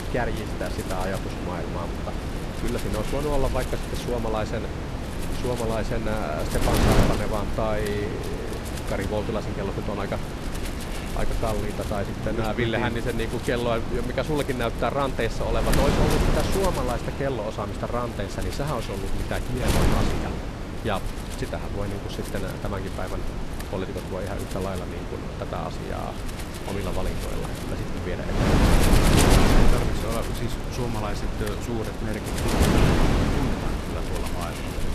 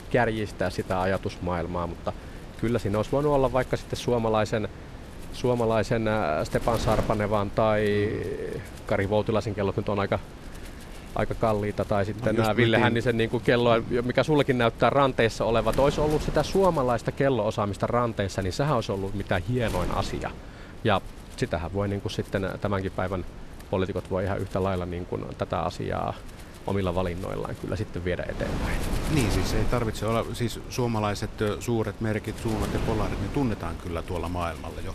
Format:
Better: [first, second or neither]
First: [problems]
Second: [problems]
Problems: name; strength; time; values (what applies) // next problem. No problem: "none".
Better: second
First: wind noise on the microphone; heavy; as loud as the speech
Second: wind noise on the microphone; occasional gusts; 15 dB below the speech